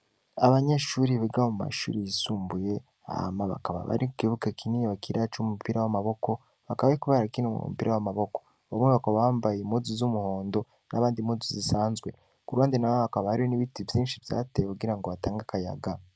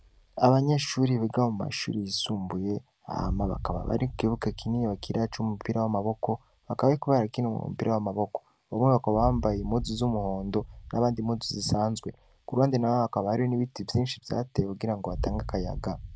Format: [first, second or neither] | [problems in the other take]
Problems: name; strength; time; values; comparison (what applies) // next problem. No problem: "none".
first | background sound (Boom); 13 dB below the speech